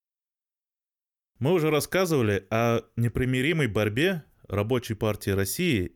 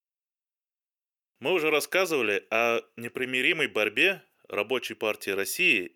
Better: first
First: none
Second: thin; somewhat; fading below 400 Hz

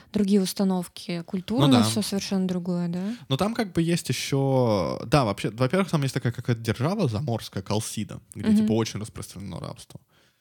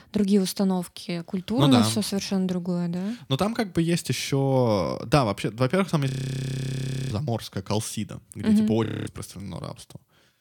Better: first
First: none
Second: audio freezing; at 6 s for 1 s and at 9 s

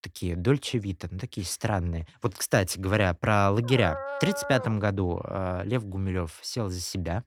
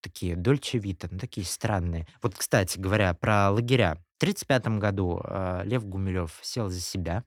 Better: second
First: dog barking; noticeable; from 3.5 to 5 s; peak 6 dB below the speech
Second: none

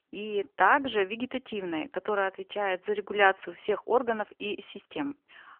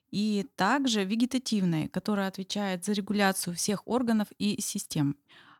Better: second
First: phone-call audio; nothing above 3 kHz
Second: none

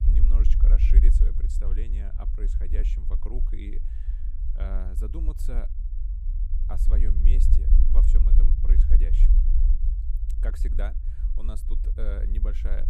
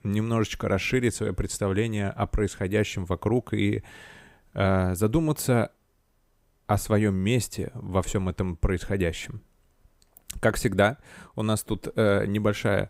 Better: second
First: low rumble; loud; throughout; 3 dB below the speech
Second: none

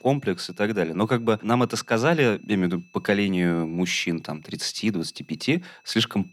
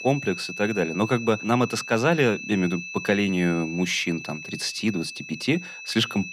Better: first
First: high-pitched whine; faint; throughout; 2.5 kHz, 30 dB below the speech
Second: high-pitched whine; loud; throughout; 2.5 kHz, 10 dB below the speech

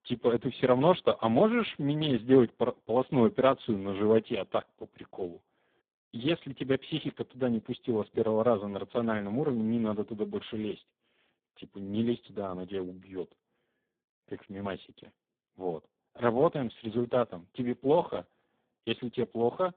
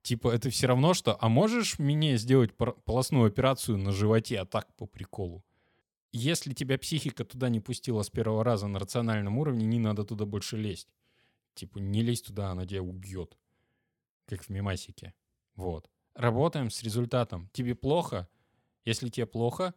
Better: second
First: phone-call audio; poor line; nothing above 3.5 kHz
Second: none

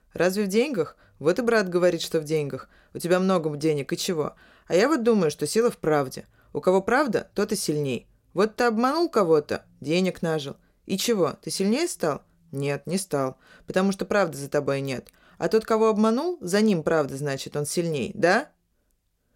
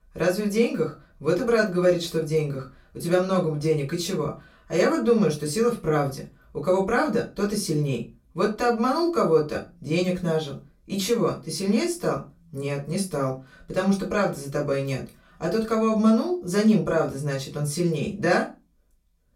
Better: first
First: none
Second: off-mic speech; far // room echo; very slight; dies away in 0.2 s

